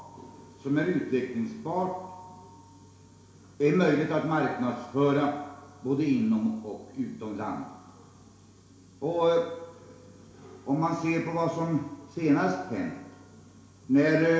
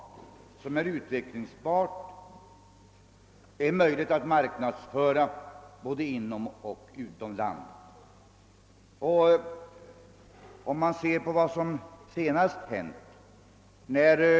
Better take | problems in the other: second | room echo; dies away in 0.7 s

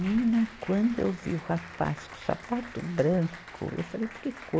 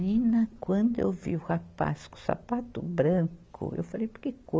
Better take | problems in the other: second | background sound (Applause); 16 dB below the speech

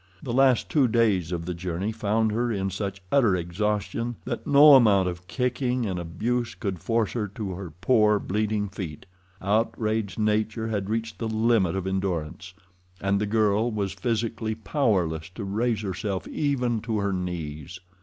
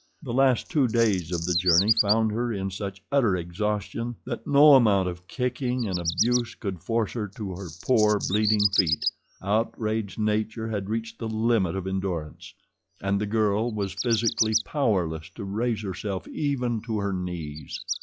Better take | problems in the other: first | noise reduction (classical method log-MMSE)

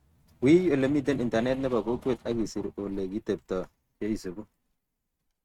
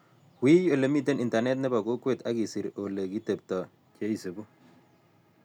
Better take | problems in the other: second | noise reduction (neural mask model RNNoise)

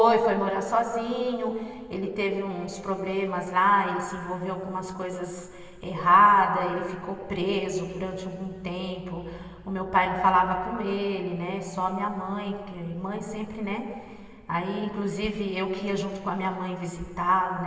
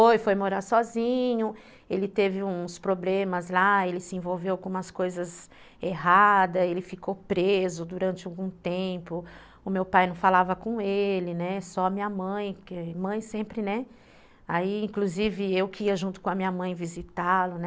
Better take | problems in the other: second | room echo; dies away in 2.5 s

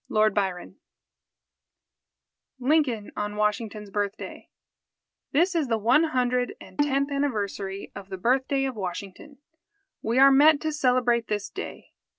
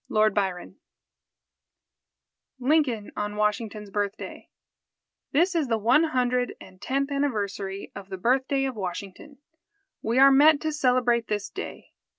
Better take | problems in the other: second | background sound (Bowed string instrument); 7 dB below the speech

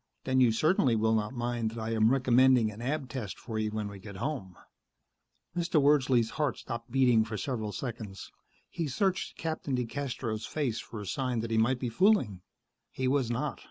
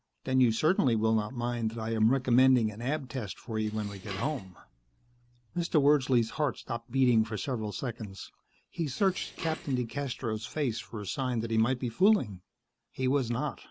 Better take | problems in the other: first | background sound (Dishes, pots, and pans); 18 dB below the speech

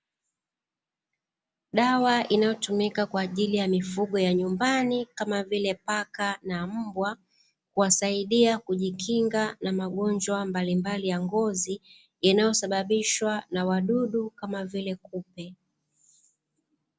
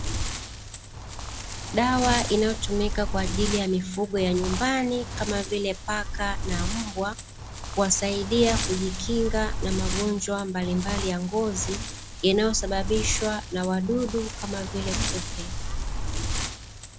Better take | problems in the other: first | background sound (Wind); 3 dB below the speech

